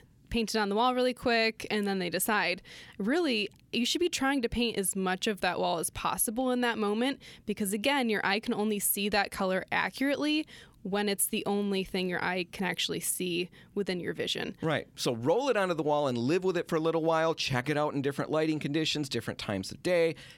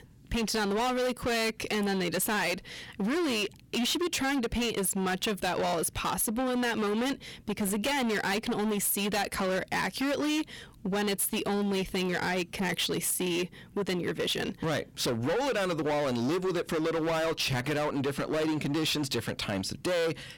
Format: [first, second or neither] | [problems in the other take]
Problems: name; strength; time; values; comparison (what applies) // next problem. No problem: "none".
first | distortion; heavy; 29% of the sound clipped